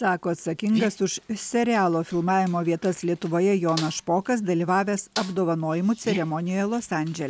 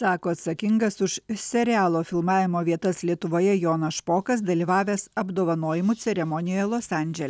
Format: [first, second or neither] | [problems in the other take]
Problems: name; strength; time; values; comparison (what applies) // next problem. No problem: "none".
second | background sound (Snare drum + Dog); 16 dB below the speech